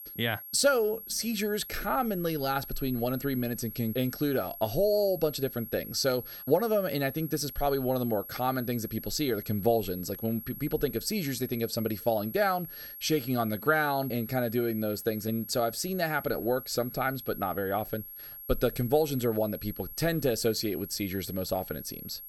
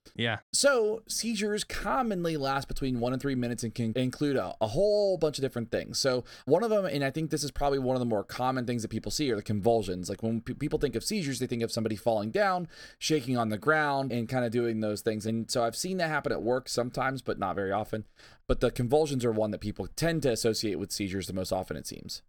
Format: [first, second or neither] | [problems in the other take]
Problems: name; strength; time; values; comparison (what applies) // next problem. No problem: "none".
second | high-pitched whine; noticeable; throughout; 11.5 kHz, 10 dB below the speech